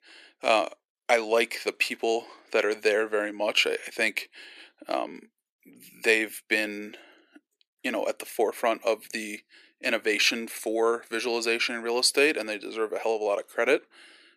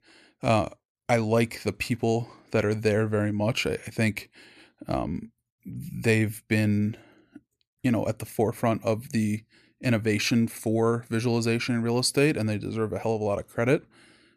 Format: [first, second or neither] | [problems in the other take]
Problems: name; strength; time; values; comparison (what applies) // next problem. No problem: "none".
second | thin; very; fading below 350 Hz